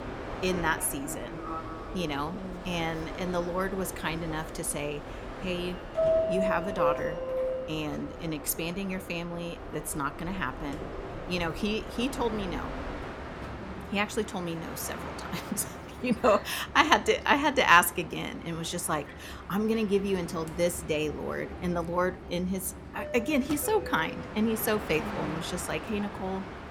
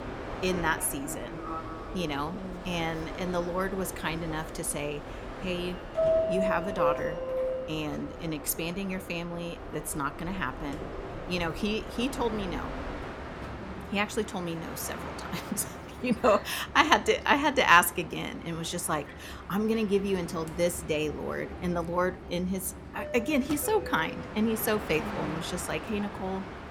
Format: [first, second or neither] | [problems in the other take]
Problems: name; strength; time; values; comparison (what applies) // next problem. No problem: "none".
neither | train or aircraft noise; loud; throughout; 8 dB below the speech; the same in both